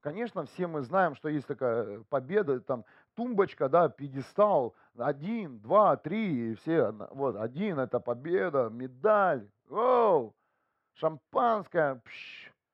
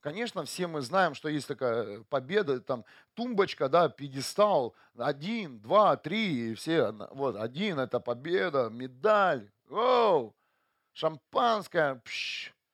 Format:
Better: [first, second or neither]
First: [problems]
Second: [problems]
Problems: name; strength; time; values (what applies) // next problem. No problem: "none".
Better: second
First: muffled; very; fading above 3 kHz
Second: none